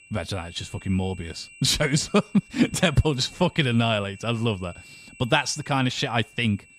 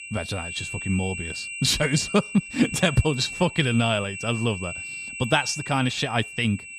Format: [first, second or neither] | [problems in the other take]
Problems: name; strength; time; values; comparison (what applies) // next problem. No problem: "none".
first | high-pitched whine; loud; throughout; 2.5 kHz, 8 dB below the speech; faint in the first